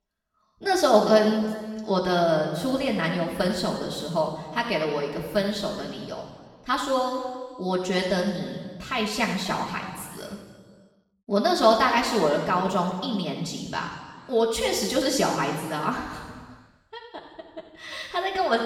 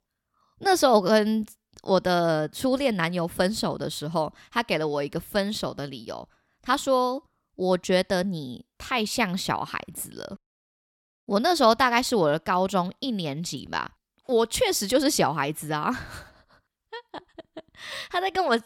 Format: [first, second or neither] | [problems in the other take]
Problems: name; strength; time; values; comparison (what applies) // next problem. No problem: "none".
second | room echo; noticeable; dies away in 1.5 s // off-mic speech; far